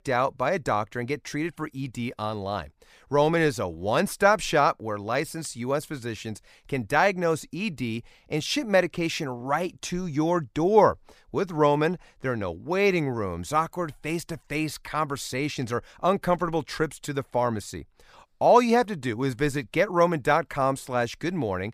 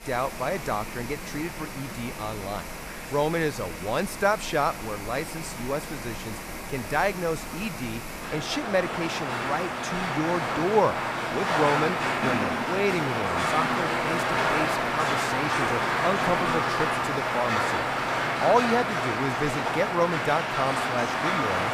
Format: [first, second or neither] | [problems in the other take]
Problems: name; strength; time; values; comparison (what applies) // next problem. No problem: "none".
first | rain or running water; very loud; throughout; 1 dB above the speech